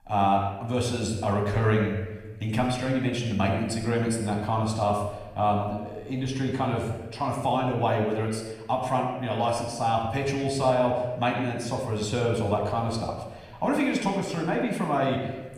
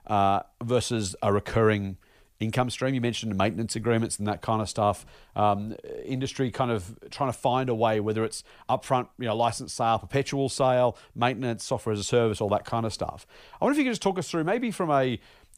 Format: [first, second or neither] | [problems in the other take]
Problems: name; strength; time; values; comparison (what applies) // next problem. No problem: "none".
second | off-mic speech; somewhat distant // room echo; noticeable; dies away in 1 s